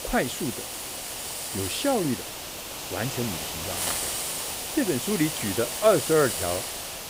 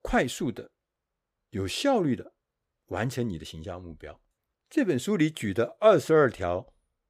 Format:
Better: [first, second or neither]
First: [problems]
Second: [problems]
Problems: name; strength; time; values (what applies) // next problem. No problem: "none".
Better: second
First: hiss; loud; throughout; 3 dB below the speech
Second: none